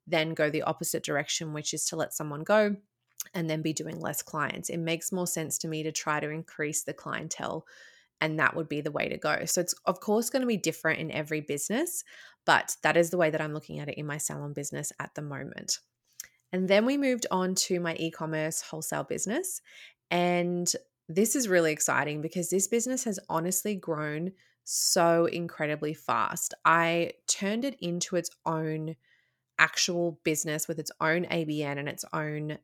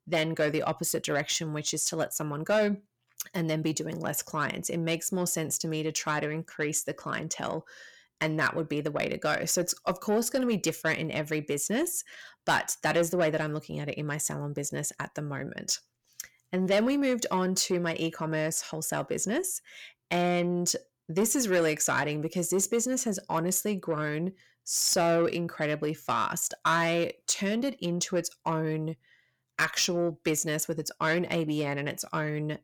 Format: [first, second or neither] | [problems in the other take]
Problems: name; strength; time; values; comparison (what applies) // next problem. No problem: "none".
first | distortion; slight; 10 dB below the speech